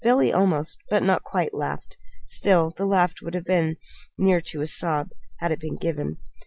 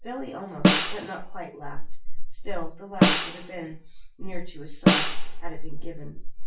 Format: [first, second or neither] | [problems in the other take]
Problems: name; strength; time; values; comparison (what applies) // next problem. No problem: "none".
first | background sound (Snare drum); as loud as the speech // room echo; dies away in 0.3 s